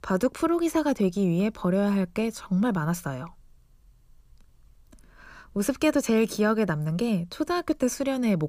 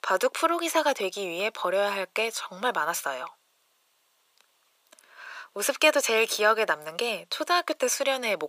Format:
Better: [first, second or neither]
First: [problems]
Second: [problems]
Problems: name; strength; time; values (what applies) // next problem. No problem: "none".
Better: first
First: none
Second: thin; very; fading below 550 Hz